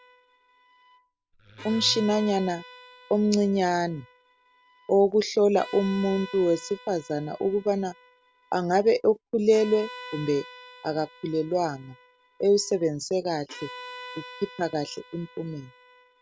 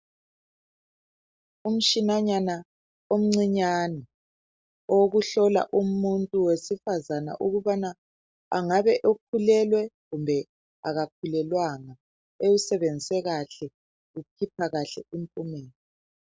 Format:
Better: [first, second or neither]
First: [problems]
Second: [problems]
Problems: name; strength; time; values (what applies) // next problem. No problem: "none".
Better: second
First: background sound (Bowed string instrument + Wood); 19 dB below the speech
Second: none